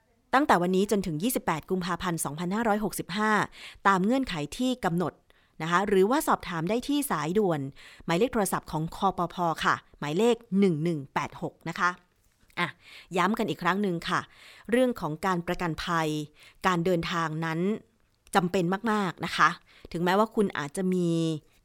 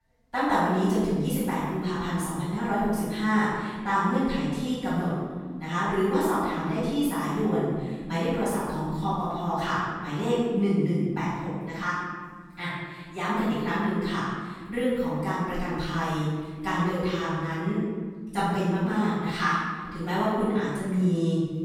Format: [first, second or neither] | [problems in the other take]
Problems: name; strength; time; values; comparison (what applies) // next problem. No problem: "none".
first | room echo; strong; dies away in 1.7 s // off-mic speech; far